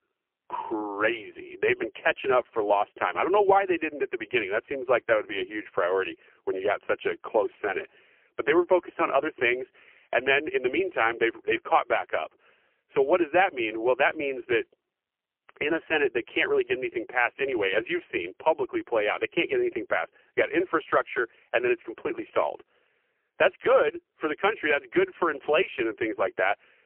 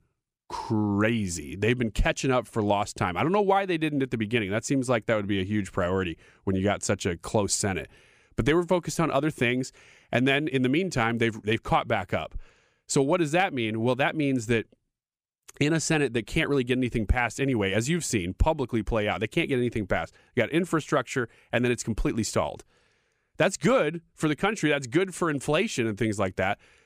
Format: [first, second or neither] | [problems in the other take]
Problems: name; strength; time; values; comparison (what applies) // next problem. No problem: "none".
second | phone-call audio; poor line; nothing above 3 kHz